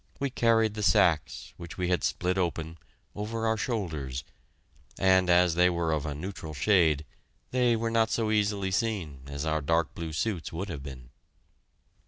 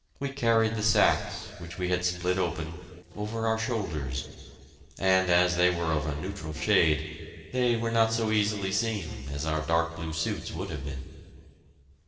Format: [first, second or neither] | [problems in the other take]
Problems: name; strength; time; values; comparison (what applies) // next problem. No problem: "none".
first | noise reduction (neural separator model SepFormer DNS4)